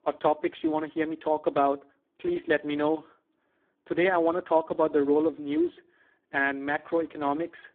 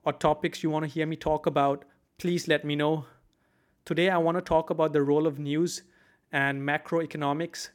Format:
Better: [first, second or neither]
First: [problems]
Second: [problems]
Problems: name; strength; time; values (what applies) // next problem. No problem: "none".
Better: second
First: phone-call audio; poor line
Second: none